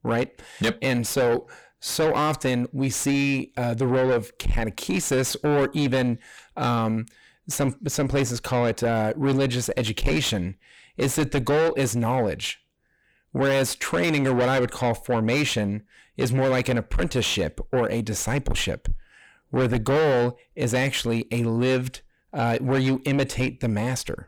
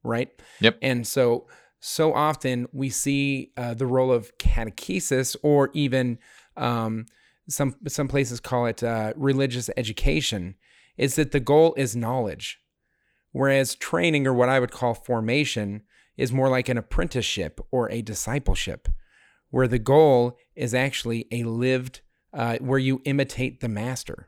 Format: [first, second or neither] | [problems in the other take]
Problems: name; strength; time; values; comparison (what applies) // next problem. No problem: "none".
second | distortion; heavy; 6 dB below the speech